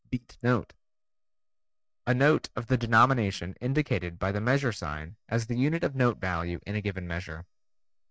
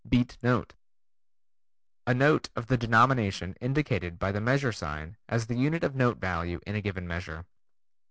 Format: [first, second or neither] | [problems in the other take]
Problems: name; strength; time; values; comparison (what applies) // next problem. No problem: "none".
second | noise reduction (neural mask model DeepFilterNet 3)